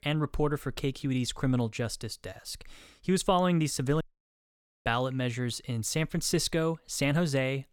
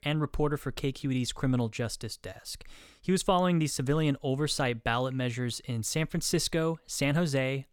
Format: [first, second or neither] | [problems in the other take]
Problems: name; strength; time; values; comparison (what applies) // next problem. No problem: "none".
second | audio cutting out; at 4 s for 1 s